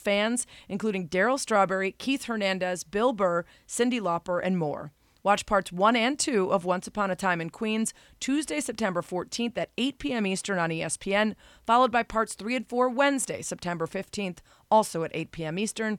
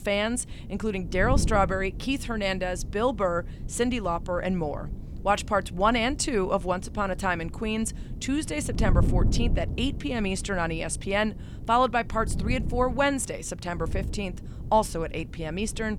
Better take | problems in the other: first | wind noise on the microphone; occasional gusts; 20 dB below the speech

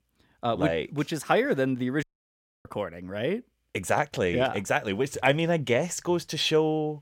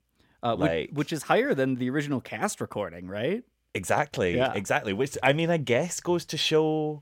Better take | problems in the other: second | audio cutting out; at 2 s for 0.5 s

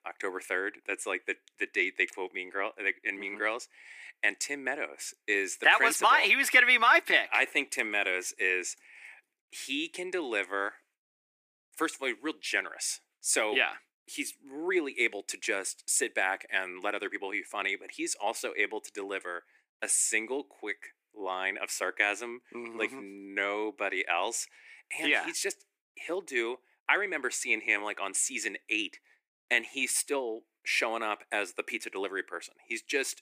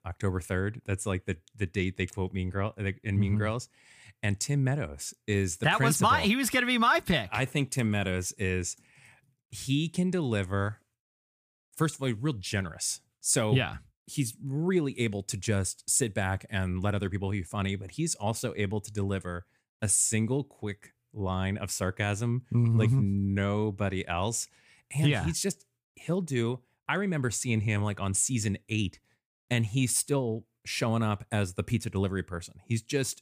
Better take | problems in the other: second | thin; very; fading below 300 Hz

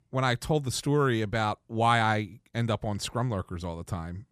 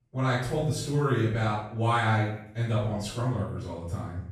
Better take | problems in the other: first | room echo; noticeable; dies away in 0.6 s // off-mic speech; far

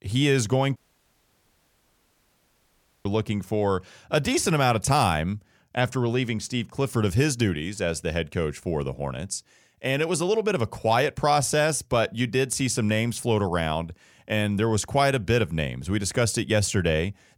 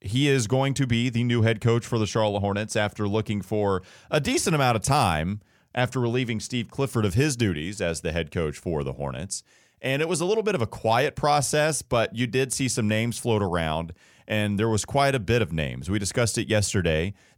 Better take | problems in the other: second | audio cutting out; at 1 s for 2.5 s

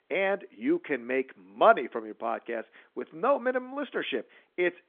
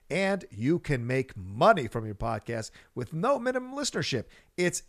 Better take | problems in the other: second | phone-call audio; nothing above 3.5 kHz

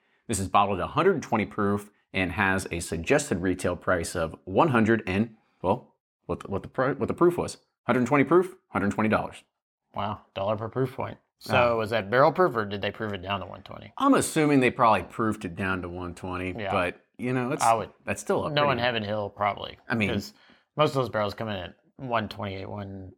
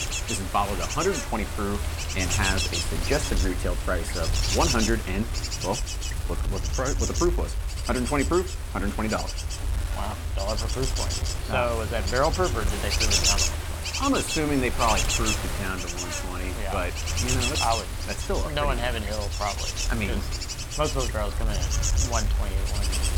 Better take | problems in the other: first | wind noise on the microphone; heavy; 1 dB below the speech

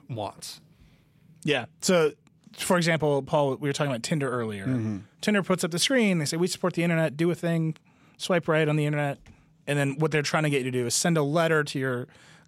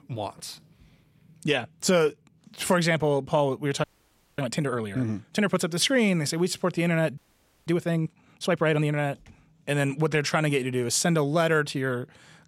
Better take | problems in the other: first | audio freezing; at 4 s for 0.5 s and at 7 s for 0.5 s

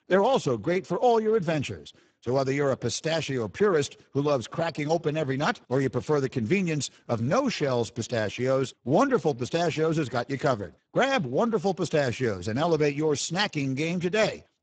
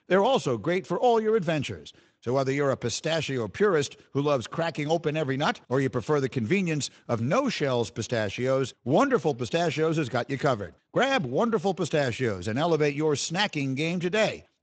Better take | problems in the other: second | garbled, watery; badly; nothing above 8 kHz; slightly in the second

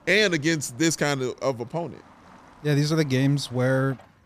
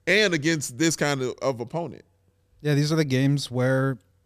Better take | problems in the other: second | traffic noise; faint; throughout; 25 dB below the speech

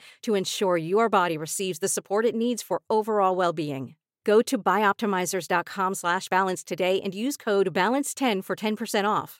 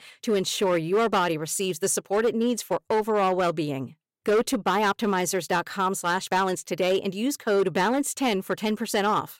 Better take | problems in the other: first | distortion; slight; 8% of the sound clipped

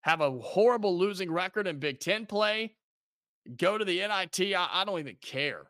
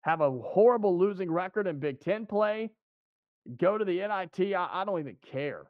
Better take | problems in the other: first | muffled; very; fading above 3 kHz

